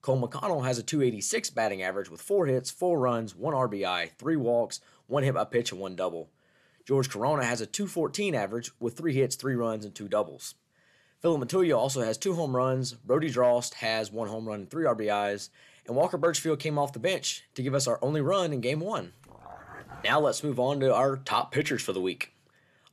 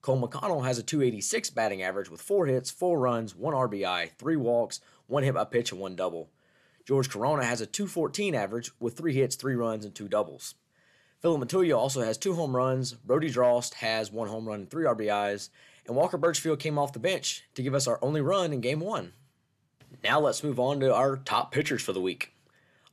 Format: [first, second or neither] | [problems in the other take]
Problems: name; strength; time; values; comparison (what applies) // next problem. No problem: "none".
second | dog barking; faint; at 19 s; peak 15 dB below the speech